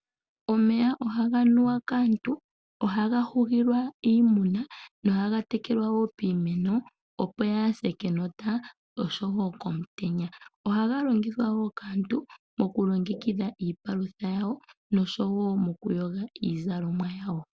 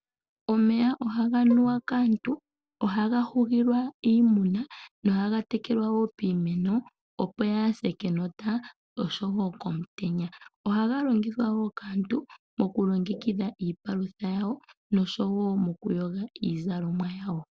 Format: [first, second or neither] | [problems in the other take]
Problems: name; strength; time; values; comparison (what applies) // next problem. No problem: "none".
first | noise reduction (neural separator model SepFormer DNS4)